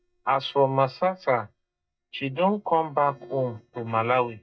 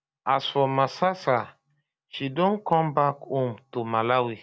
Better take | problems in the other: second | noise reduction (neural mask model DeepFilterNet 3)

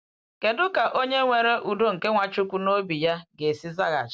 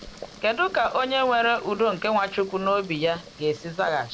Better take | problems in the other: first | background sound (Boiling); 19 dB below the speech

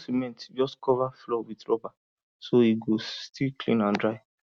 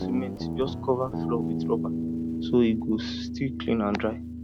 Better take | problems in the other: first | background sound (Guitar); 2 dB below the speech

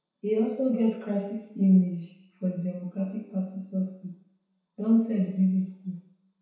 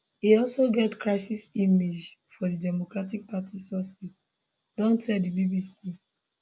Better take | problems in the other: second | room echo; dies away in 0.7 s

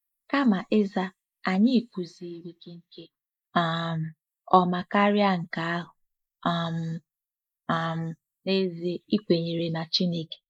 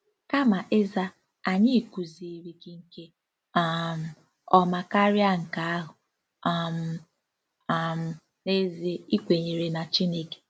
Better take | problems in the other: second | noise reduction (neural mask model Resemble Enhance denoiser)

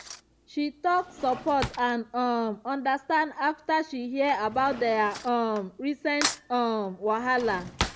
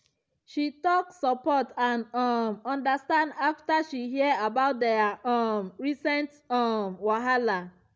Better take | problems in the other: second | background sound (Cutlery, silverware / Drawer open or close); 12 dB below the speech

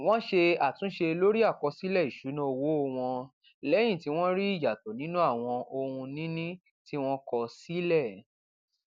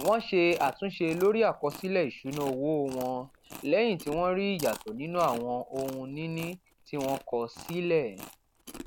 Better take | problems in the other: first | background sound (Chewing, mastication); 17 dB below the speech

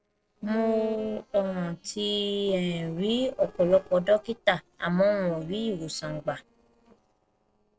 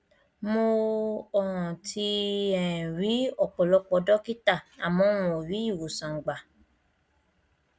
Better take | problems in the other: second | noise reduction (neural separator model SepFormer DNS4)

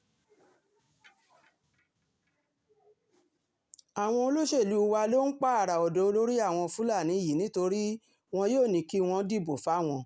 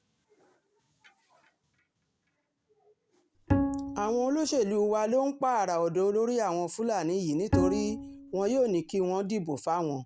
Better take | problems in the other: first | background sound (Bowed string instrument); 3 dB below the speech

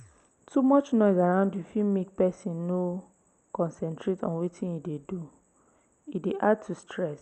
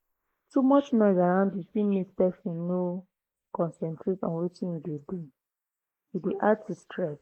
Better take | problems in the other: first | noise reduction (neural mask model Resemble Enhance denoiser)

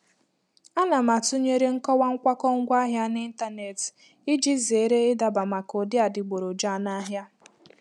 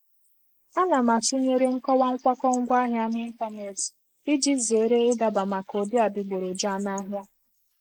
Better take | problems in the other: first | noise reduction (neural mask model Resemble Enhance denoiser)

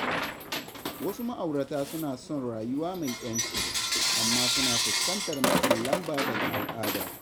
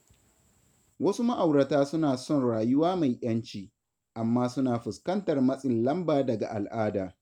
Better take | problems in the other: second | background sound (Coin (dropping) / Bell + Sink (filling or washing)); 4 dB above the speech

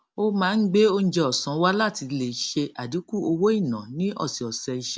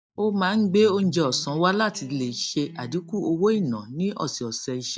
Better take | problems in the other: first | noise reduction (neural mask model DeepFilterNet 3)

